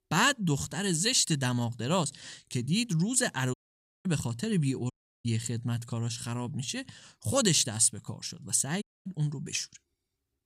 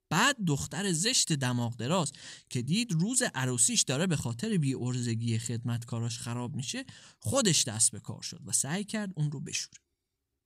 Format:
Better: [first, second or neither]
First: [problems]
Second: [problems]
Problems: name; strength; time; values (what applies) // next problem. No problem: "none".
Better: second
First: audio cutting out; at 3.5 s for 0.5 s, at 5 s and at 9 s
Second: none